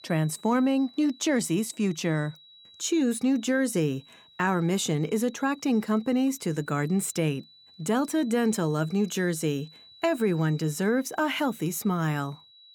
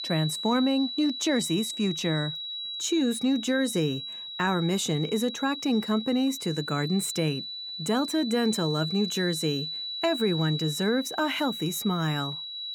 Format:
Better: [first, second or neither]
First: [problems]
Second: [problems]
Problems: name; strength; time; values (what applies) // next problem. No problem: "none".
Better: first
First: high-pitched whine; faint; throughout; 4 kHz, 25 dB below the speech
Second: high-pitched whine; loud; throughout; 4 kHz, 6 dB below the speech